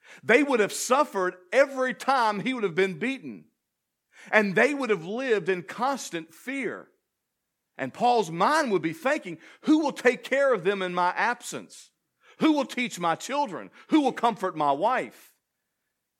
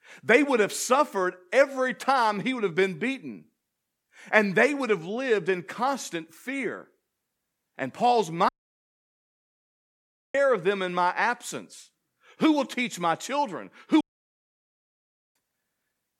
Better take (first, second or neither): first